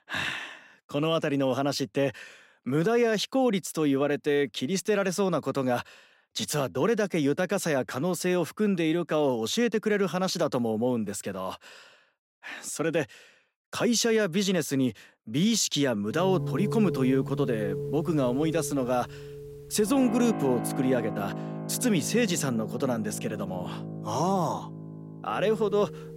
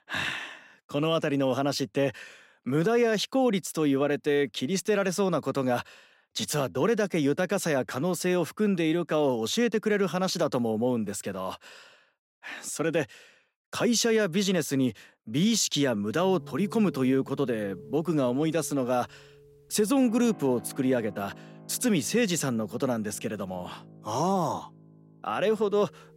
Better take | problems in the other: second | background music; loud; from 16 s on; 8 dB below the speech; faint in the second

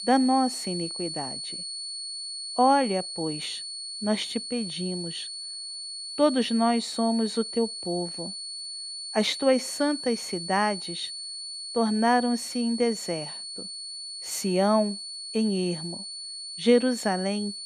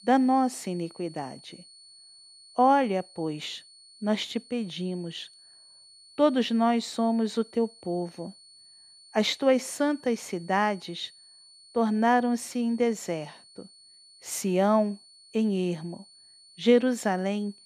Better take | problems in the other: second | high-pitched whine; loud; throughout; 4.5 kHz, 7 dB below the speech; faint in the second

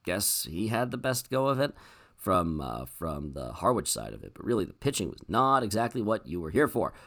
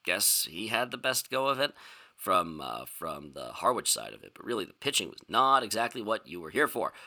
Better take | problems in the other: first | thin; somewhat; fading below 800 Hz

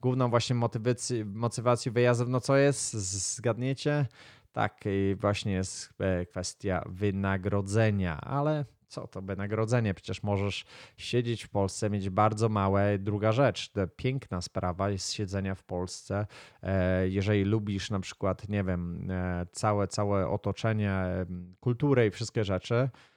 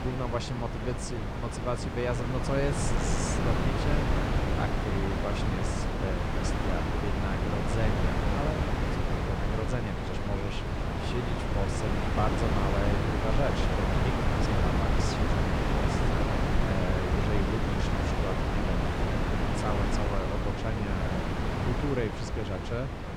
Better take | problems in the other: first | wind noise on the microphone; heavy; 4 dB above the speech

